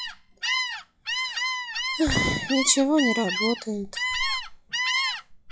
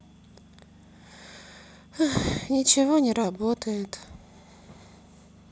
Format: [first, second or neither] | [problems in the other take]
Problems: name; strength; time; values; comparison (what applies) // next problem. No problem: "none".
second | noise reduction (classical method log-MMSE)